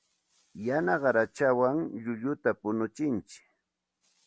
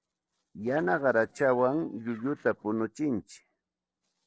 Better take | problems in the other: first | noise reduction (neural separator model SepFormer DNS4)

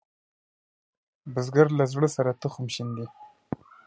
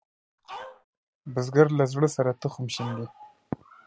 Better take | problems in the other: first | background sound (Dog); 14 dB below the speech

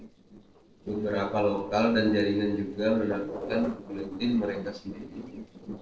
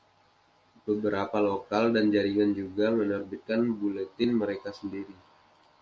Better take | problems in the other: second | noise reduction (neural separator model SepFormer DNS4)

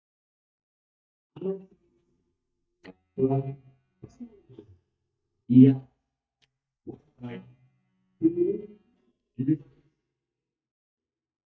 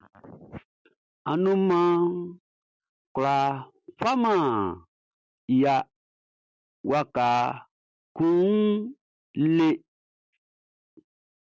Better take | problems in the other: second | noise reduction (neural mask model DeepFilterNet 3)

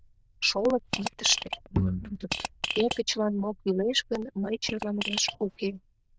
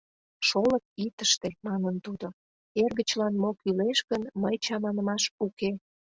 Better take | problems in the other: second | noise reduction (neural diffusion model UNIVERSE++)

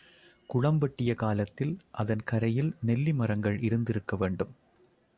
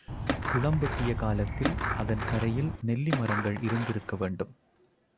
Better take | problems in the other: first | background sound (Skateboard + Insect); 2 dB below the speech

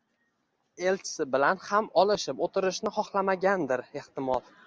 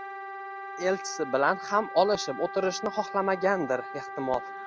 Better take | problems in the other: first | background sound (Wind instrument, woodwind instrument); 10 dB below the speech

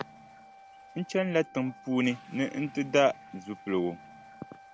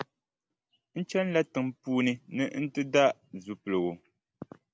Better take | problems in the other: second | background sound (Wind instrument, woodwind instrument + Toilet flush / Water); 20 dB below the speech

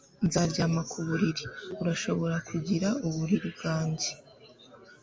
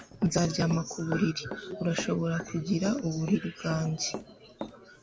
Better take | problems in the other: first | background sound (Run); 13 dB below the speech

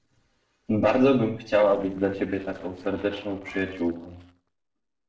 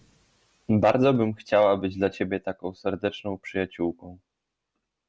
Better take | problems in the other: second | noise reduction (neural separator model SepFormer DNS4)

